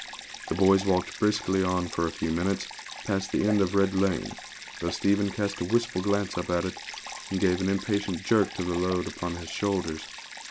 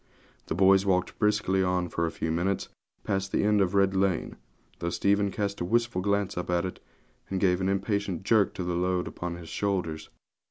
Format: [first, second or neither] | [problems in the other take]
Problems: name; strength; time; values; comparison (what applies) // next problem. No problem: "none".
second | background sound (Stream); 13 dB below the speech